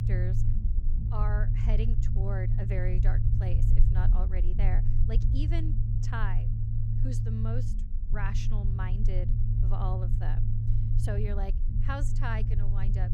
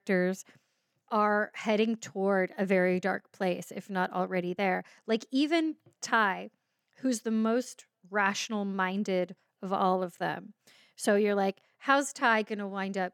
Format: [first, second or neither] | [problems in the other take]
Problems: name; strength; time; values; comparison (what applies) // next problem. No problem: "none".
second | low rumble; loud; throughout; 3 dB below the speech